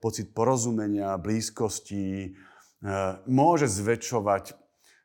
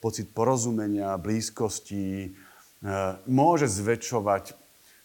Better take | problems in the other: first | hiss; faint; throughout; 30 dB below the speech

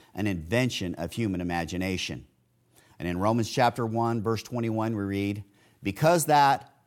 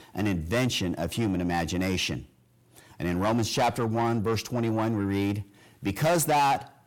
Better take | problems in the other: first | distortion; heavy; 8 dB below the speech

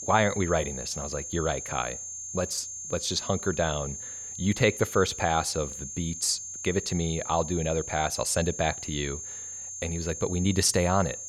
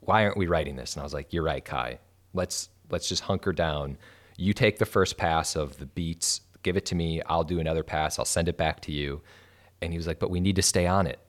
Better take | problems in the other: second | high-pitched whine; loud; throughout; 6.5 kHz, 7 dB below the speech

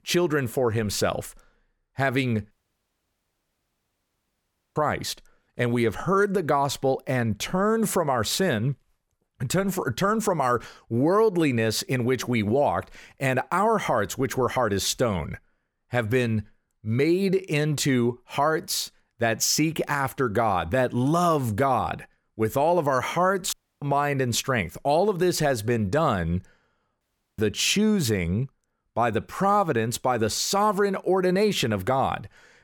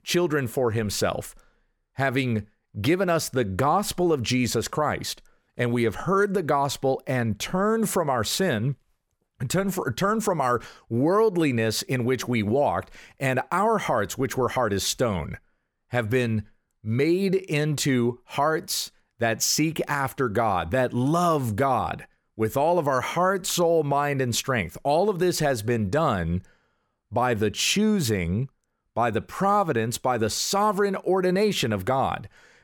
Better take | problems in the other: second | audio cutting out; at 2.5 s for 2.5 s, at 24 s and at 27 s

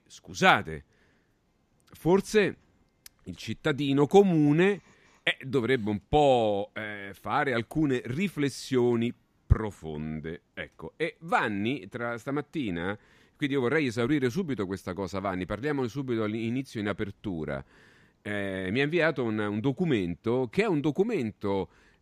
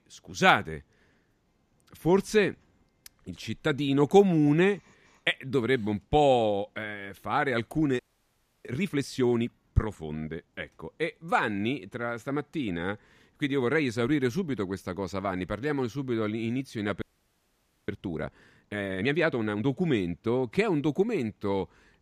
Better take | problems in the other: first | audio freezing; at 8 s for 0.5 s and at 17 s for 1 s

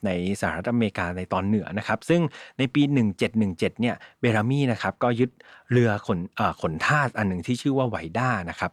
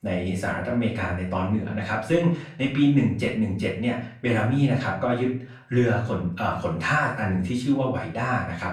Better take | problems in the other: first | off-mic speech; far // room echo; slight; dies away in 0.4 s

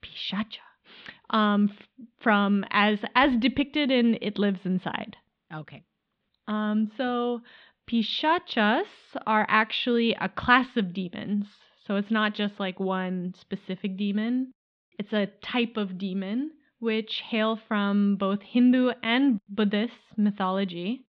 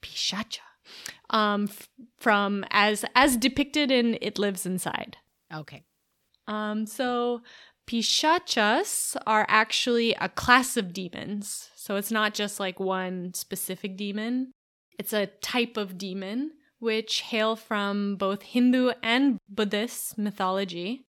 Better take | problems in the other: second | muffled; slightly; fading above 3.5 kHz

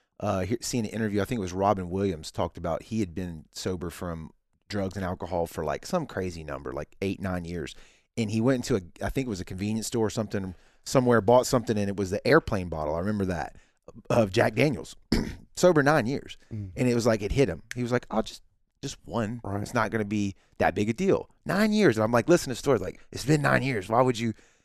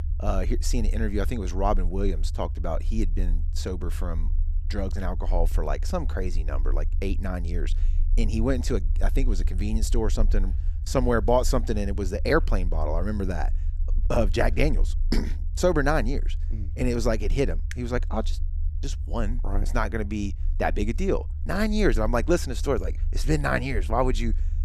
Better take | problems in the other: first | low rumble; faint; throughout; 20 dB below the speech

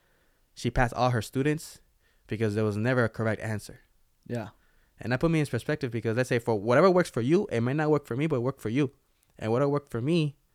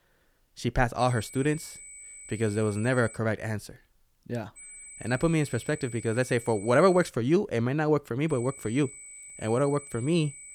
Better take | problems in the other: first | high-pitched whine; noticeable; from 1 to 3 s, from 4.5 to 7 s and from 8.5 s on; 8 kHz, 15 dB below the speech

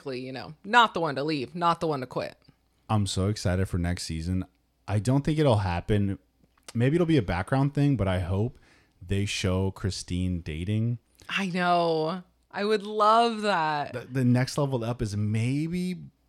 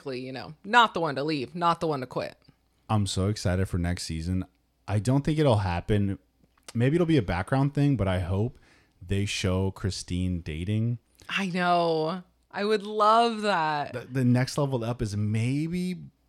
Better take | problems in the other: neither | none

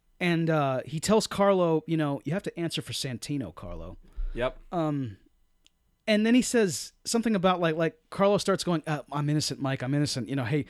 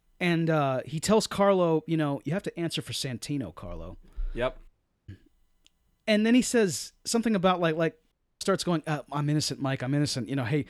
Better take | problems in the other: first | audio cutting out; at 4.5 s and at 8 s

